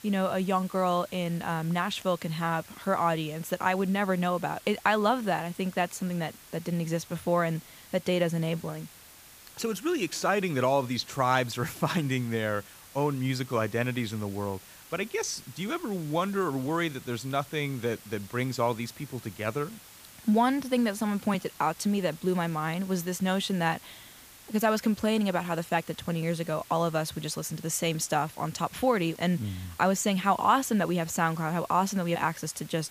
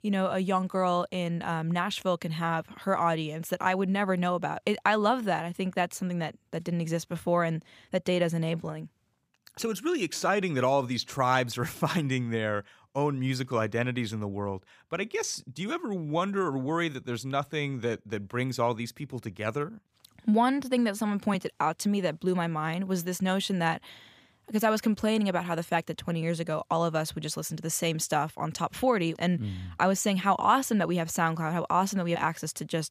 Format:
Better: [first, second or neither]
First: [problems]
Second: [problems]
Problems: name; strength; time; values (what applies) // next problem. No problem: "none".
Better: second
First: hiss; noticeable; throughout; 20 dB below the speech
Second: none